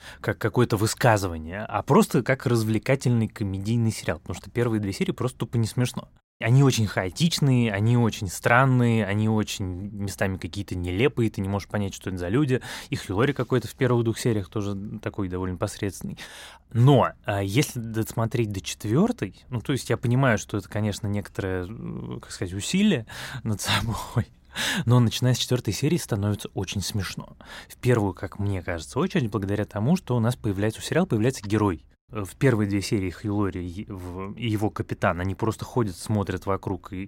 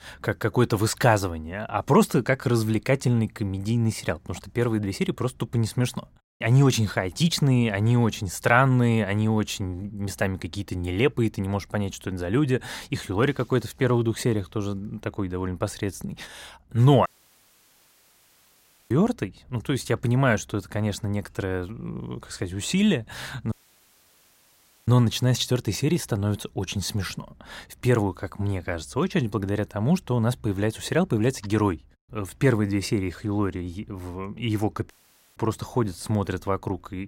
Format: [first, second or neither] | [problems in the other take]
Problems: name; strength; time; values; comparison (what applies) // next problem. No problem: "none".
first | audio cutting out; at 17 s for 2 s, at 24 s for 1.5 s and at 35 s